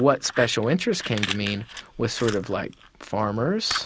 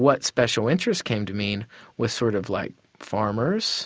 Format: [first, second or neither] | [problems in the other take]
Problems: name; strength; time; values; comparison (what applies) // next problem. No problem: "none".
second | background sound (Fire); 11 dB below the speech